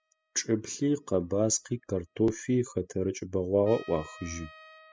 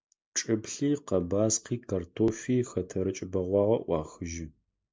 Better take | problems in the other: second | noise reduction (classical method spectral subtraction)

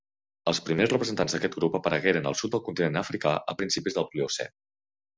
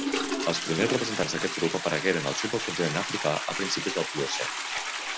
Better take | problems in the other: first | background sound (Toilet flush); 2 dB below the speech

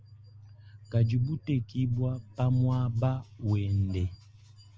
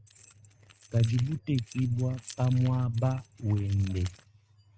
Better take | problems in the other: first | noise reduction (neural mask model RNNoise)

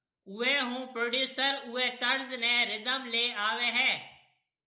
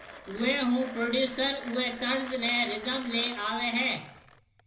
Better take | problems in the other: first | background sound (Mechanisms); 15 dB below the speech // room echo; dies away in 0.4 s

